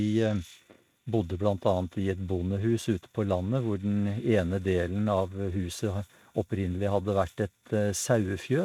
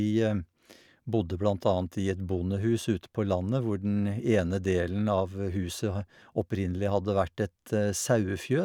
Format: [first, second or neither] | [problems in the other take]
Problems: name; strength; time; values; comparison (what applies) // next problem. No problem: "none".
second | noise reduction (neural mask model RNNoise)